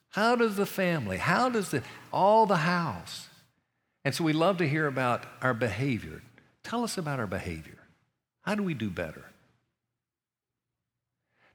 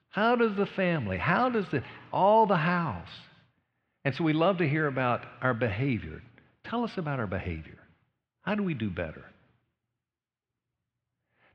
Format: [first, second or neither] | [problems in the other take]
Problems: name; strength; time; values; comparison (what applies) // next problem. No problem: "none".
first | muffled; slightly; fading above 3 kHz